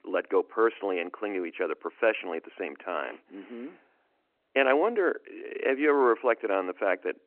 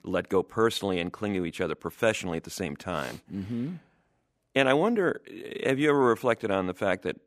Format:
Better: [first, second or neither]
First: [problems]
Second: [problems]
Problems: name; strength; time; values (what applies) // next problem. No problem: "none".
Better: second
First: phone-call audio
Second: none